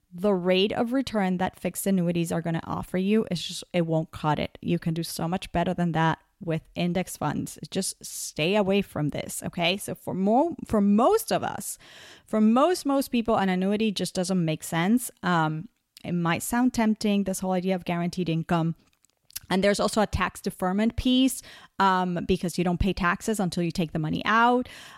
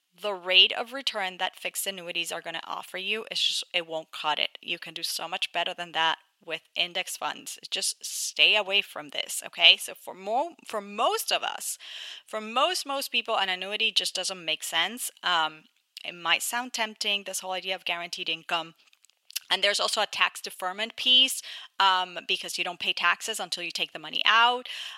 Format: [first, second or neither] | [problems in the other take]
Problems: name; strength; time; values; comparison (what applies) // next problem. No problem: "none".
first | thin; very; fading below 750 Hz